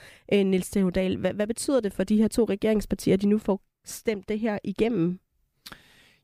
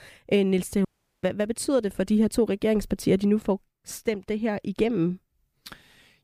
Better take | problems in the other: first | audio cutting out; at 1 s

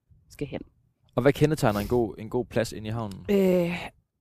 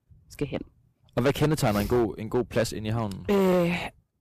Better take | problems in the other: first | distortion; heavy; 8% of the sound clipped

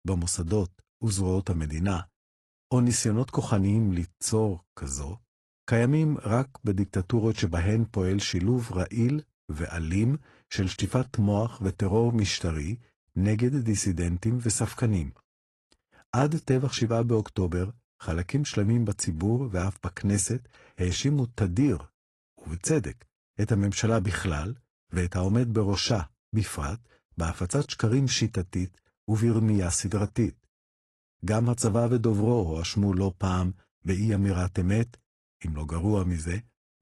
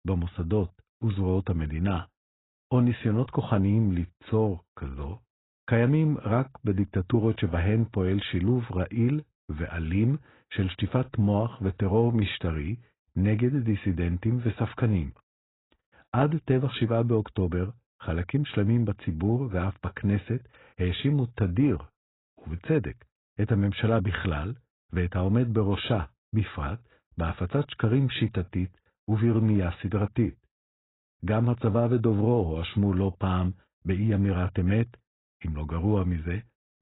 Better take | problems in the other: first | garbled, watery; badly; nothing above 4 kHz; slightly in the first

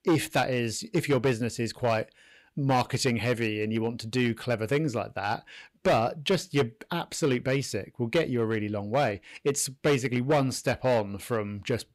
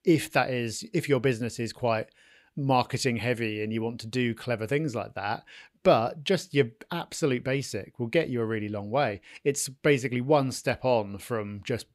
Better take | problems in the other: second | distortion; slight; 5% of the sound clipped

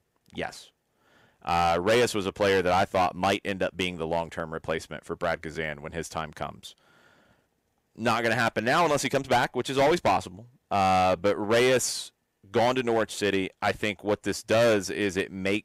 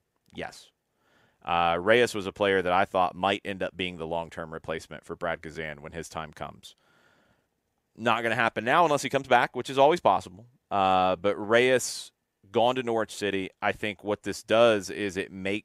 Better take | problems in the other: second | distortion; heavy; 7% of the sound clipped

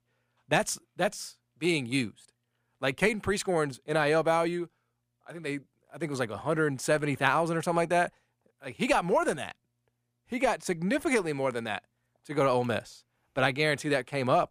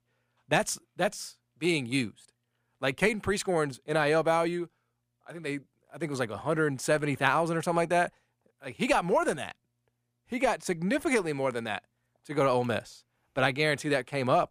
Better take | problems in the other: neither | none

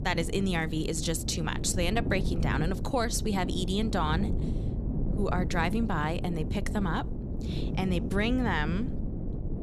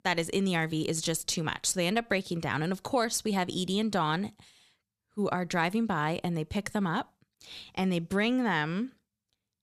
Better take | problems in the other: second | wind noise on the microphone; occasional gusts; 10 dB below the speech

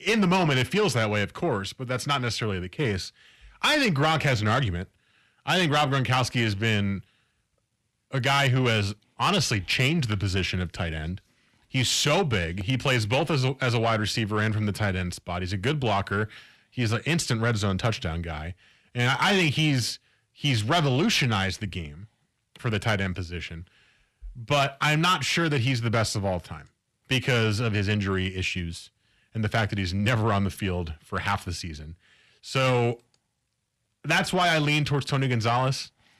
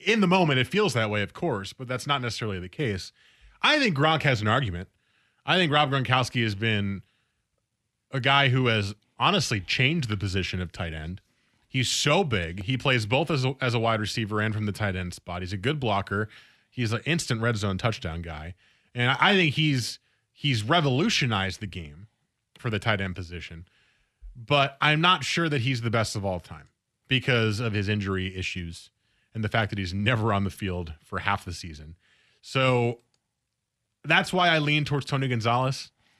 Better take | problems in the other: second | distortion; slight; 10 dB below the speech

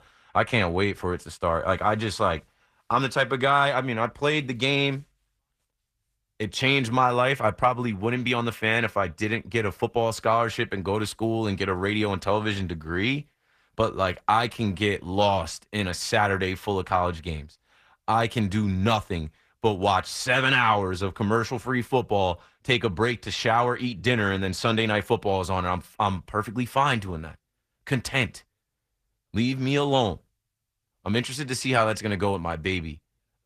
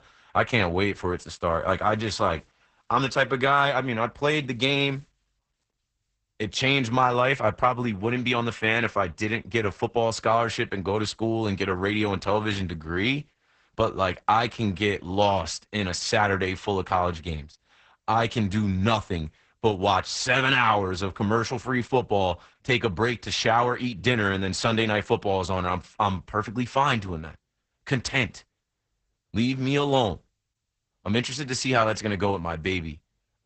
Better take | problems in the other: first | garbled, watery; badly; nothing above 8 kHz; slightly in the first

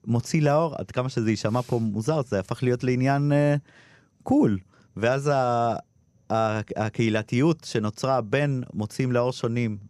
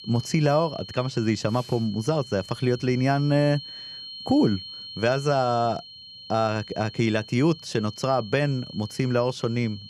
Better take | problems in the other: first | high-pitched whine; noticeable; throughout; 4 kHz, 15 dB below the speech

